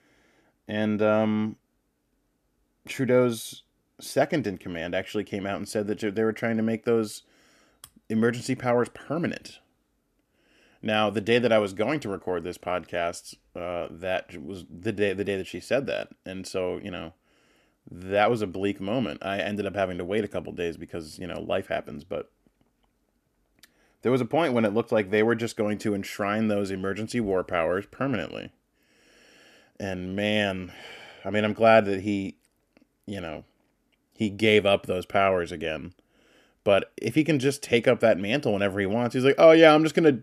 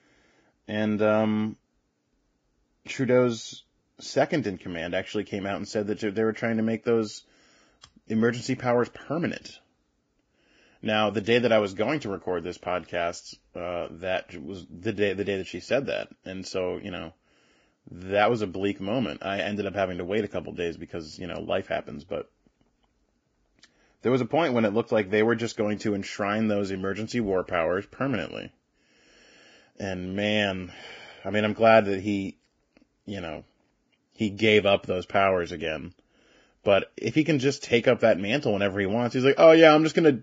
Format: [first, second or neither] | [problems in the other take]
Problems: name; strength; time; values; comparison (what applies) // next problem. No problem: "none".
first | garbled, watery; badly; nothing above 7.5 kHz